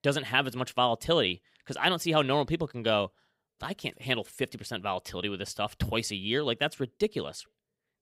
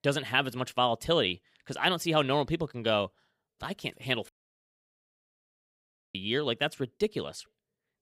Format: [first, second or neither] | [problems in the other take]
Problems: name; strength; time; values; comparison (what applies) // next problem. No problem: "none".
first | audio cutting out; at 4.5 s for 2 s